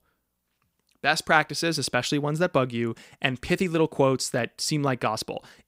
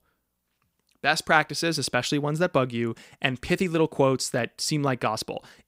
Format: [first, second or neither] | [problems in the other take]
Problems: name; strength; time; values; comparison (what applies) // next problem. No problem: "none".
neither | none